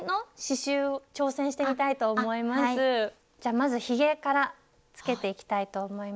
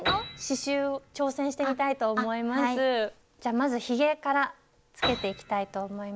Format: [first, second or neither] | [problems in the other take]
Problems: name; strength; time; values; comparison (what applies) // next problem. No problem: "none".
first | background sound (Piano); 11 dB below the speech